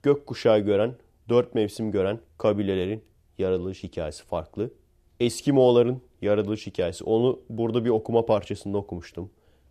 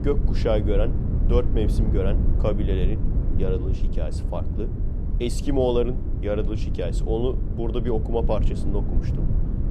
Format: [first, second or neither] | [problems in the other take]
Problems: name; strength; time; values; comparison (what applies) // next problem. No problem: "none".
first | low rumble; loud; throughout; 10 dB below the speech